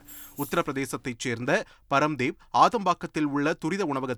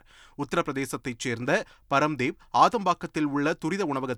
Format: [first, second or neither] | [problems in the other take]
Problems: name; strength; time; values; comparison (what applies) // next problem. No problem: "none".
second | jangling keys; faint; at the start; peak 15 dB below the speech